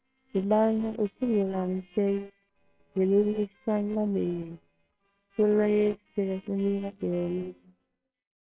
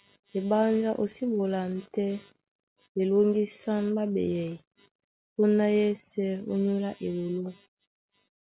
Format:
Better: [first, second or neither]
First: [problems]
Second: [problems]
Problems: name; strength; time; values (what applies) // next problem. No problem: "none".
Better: second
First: noise reduction (neural separator model SepFormer WHAMR!)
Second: none